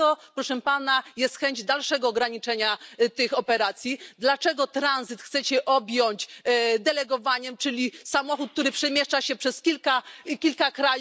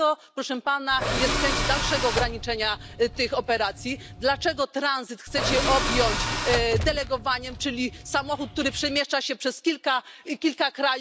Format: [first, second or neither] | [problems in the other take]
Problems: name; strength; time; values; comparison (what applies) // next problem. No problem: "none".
first | background sound (Tools + Gunshot, gunfire); 3 dB below the speech